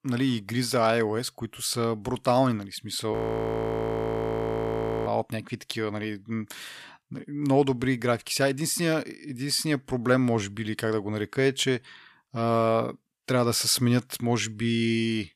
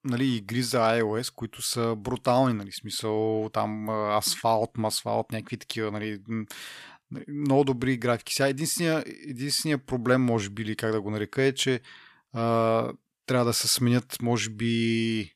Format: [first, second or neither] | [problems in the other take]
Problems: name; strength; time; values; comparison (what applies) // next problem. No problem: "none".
second | audio freezing; at 3 s for 2 s